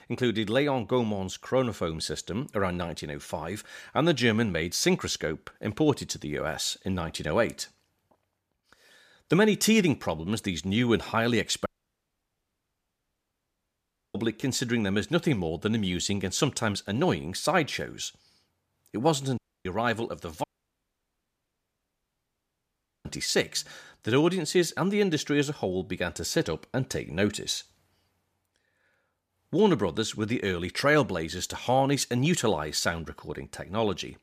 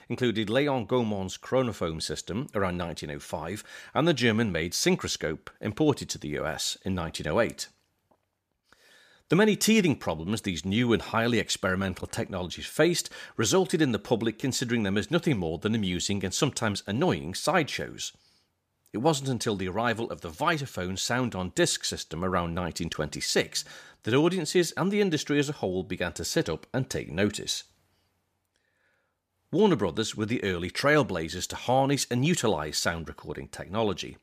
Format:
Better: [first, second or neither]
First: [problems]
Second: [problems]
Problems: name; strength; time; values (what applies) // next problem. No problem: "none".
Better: second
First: audio cutting out; at 12 s for 2.5 s, at 19 s and at 20 s for 2.5 s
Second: none